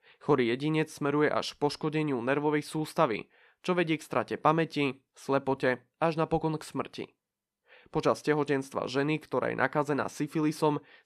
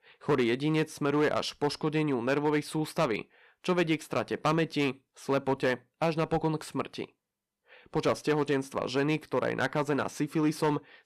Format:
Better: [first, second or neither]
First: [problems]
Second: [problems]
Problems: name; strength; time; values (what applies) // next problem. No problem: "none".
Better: first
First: none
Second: distortion; slight; 4% of the sound clipped